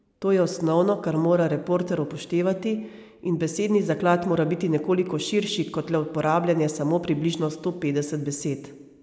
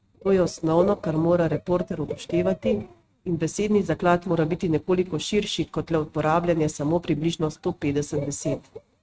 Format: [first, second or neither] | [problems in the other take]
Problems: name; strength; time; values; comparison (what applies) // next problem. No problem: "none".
first | noise reduction (neural mask model RNNoise)